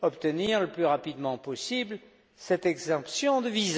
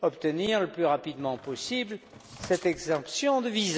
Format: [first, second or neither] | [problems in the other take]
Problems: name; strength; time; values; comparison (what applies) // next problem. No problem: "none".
first | background sound (Squeak); 19 dB below the speech